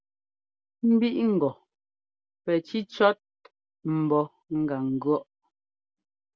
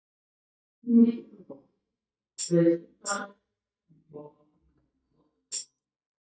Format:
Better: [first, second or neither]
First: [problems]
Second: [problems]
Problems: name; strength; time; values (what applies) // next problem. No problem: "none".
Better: first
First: none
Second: noise reduction (neural mask model DeepFilterNet 3)